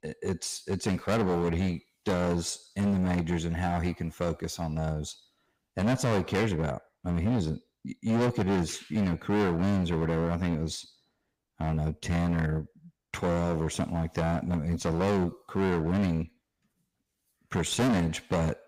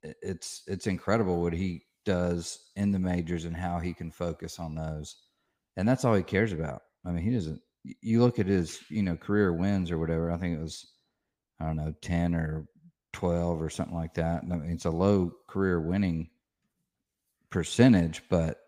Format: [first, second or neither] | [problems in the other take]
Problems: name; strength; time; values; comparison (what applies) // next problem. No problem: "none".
second | distortion; heavy; 17% of the sound clipped